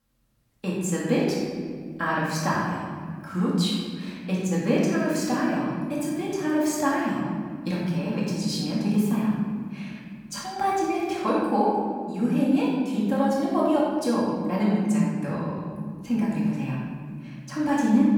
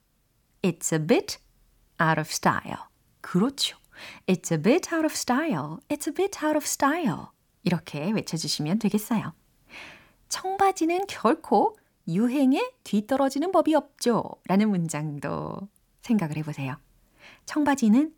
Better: second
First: room echo; strong; dies away in 2.4 s // off-mic speech; far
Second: none

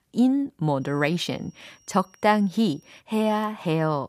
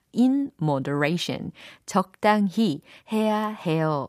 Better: second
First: high-pitched whine; faint; from 1 to 3 s; 5.5 kHz, 35 dB below the speech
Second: none

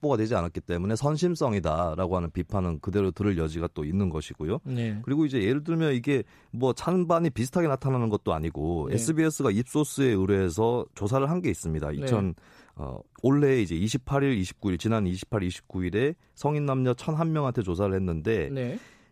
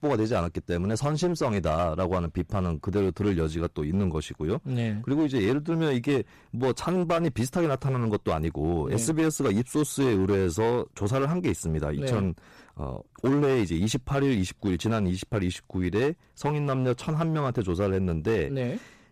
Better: first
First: none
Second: distortion; slight; 12% of the sound clipped

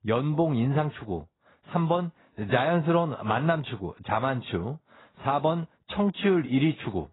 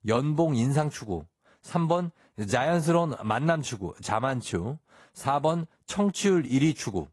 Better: second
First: garbled, watery; badly; nothing above 4 kHz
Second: garbled, watery; slightly; nothing above 11.5 kHz

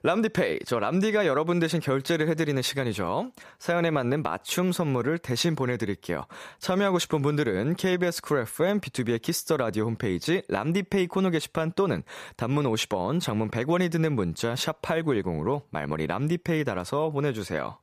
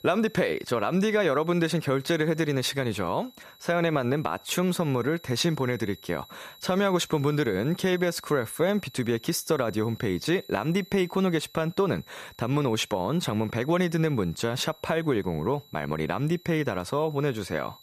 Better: first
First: none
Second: high-pitched whine; faint; throughout; 4 kHz, 25 dB below the speech

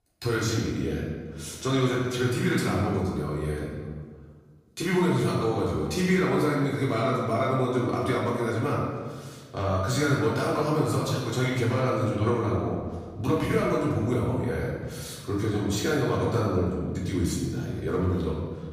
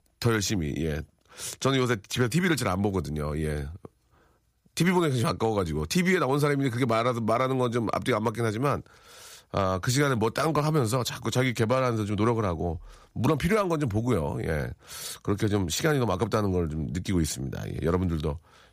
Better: second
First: off-mic speech; far // room echo; noticeable; dies away in 1.3 s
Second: none

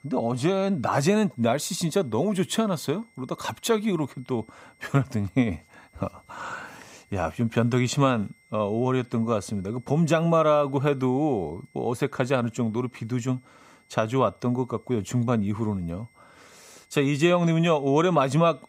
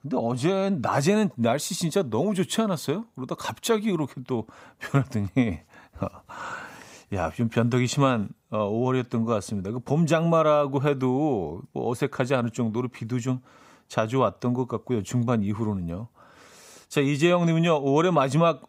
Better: second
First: high-pitched whine; faint; throughout; 2 kHz, 35 dB below the speech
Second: none

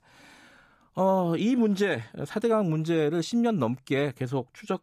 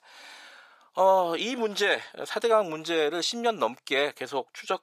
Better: first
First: none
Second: thin; very; fading below 650 Hz

